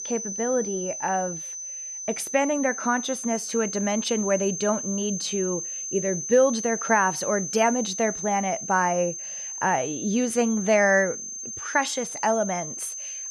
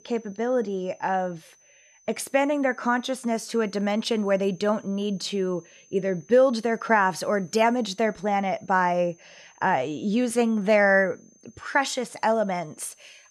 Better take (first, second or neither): second